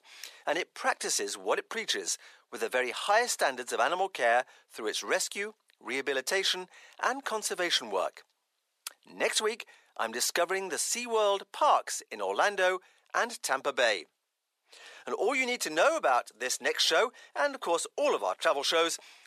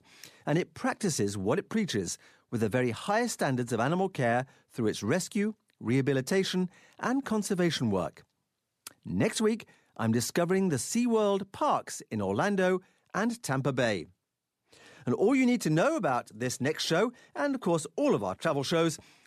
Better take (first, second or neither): second